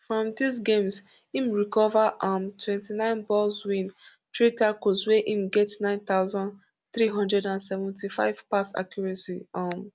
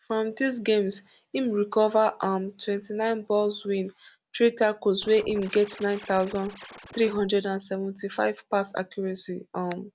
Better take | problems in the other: first | background sound (Scratching (performance technique)); 18 dB below the speech

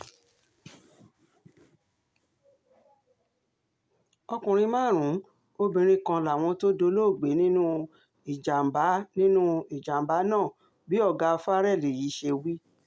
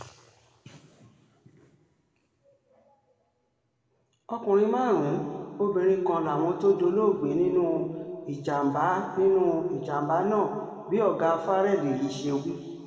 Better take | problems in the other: first | room echo; dies away in 1.9 s

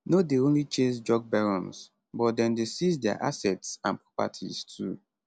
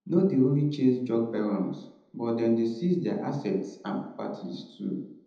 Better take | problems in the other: first | room echo; dies away in 0.8 s

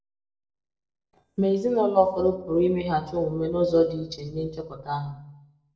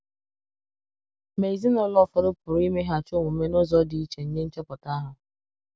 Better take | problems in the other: second | noise reduction (neural separator model SepFormer DNS4)

